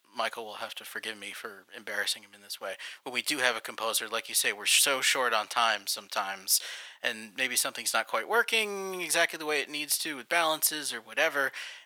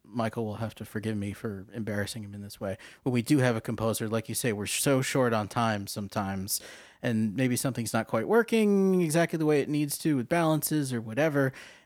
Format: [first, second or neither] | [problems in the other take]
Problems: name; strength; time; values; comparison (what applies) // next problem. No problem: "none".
second | thin; very; fading below 900 Hz